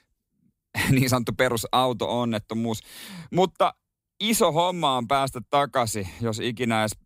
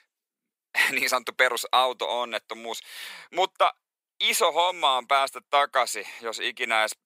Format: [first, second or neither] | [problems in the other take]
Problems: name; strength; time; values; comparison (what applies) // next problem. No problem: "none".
first | thin; very; fading below 450 Hz